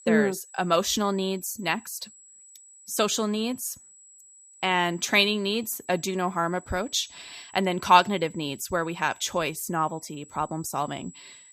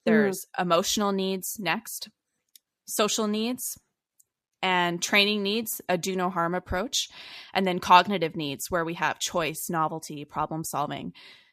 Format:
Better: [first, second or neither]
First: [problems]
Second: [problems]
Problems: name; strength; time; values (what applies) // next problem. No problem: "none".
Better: second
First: high-pitched whine; faint; throughout; 8 kHz, 25 dB below the speech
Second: none